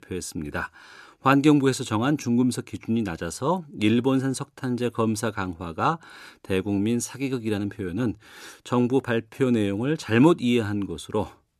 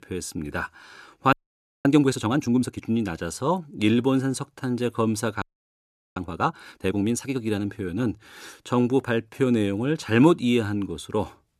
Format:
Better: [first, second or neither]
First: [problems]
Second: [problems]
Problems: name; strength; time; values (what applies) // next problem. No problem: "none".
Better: first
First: none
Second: audio freezing; at 1.5 s for 0.5 s and at 5.5 s for 0.5 s